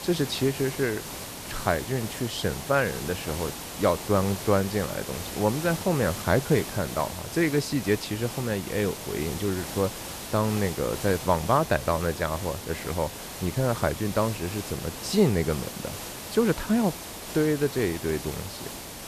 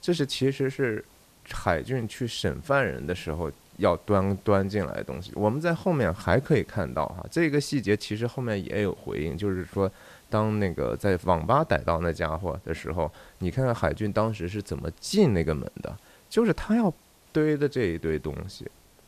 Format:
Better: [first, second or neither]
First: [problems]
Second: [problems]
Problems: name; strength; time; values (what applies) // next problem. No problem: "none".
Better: second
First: hiss; loud; throughout; 9 dB below the speech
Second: hiss; faint; throughout; 30 dB below the speech